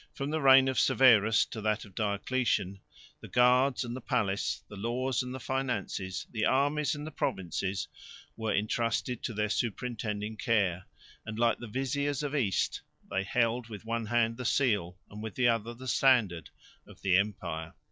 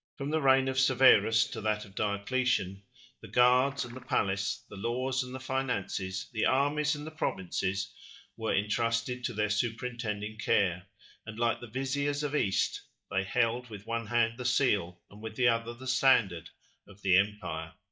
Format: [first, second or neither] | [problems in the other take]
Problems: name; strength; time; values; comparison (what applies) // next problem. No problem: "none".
first | noise reduction (neural mask model DeepFilterNet 3)